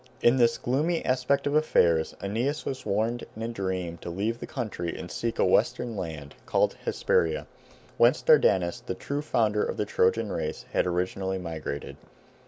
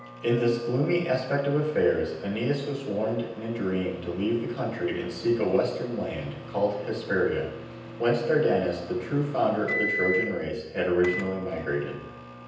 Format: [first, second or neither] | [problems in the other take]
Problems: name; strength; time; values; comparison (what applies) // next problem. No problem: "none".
first | background sound (Microwave oven); 11 dB below the speech // room echo; dies away in 0.9 s